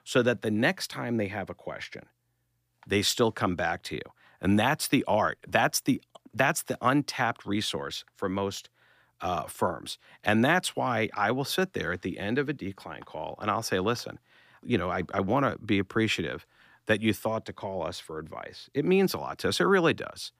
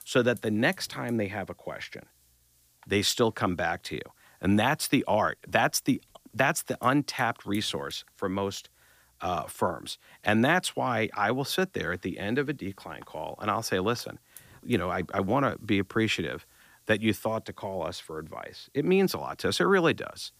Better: first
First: none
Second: hiss; faint; throughout; 30 dB below the speech

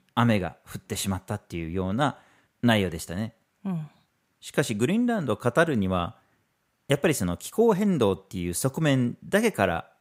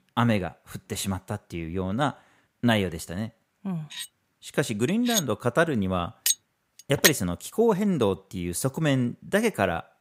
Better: first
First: none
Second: clattering dishes; loud; from 4 to 7 s; peak 5 dB above the speech

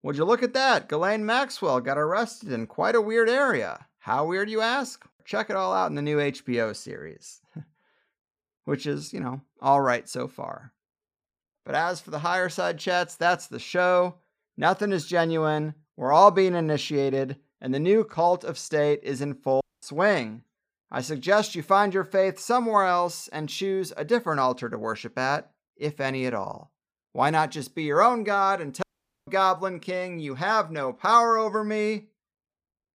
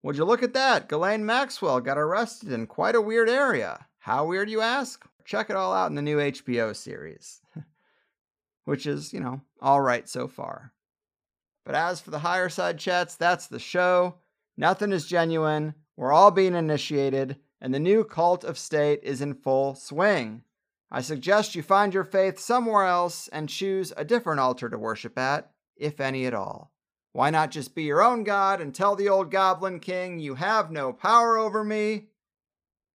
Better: second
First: audio cutting out; at 20 s and at 29 s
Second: none

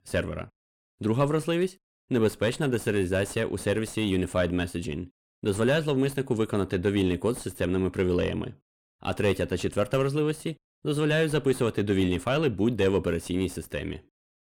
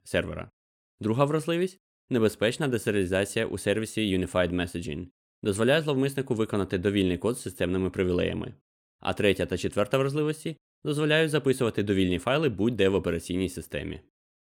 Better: second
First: distortion; slight; 10 dB below the speech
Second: none

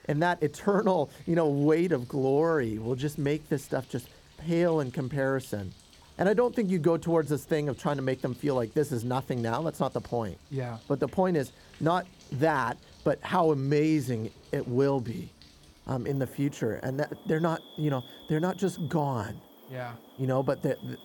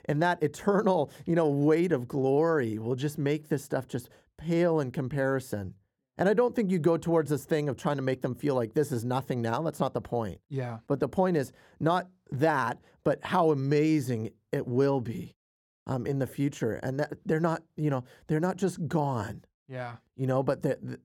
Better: second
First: animal sounds; faint; throughout; 25 dB below the speech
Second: none

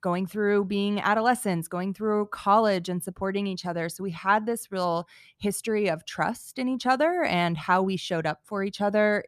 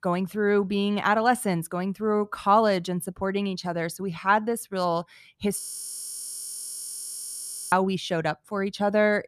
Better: first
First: none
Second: audio freezing; at 5.5 s for 2 s

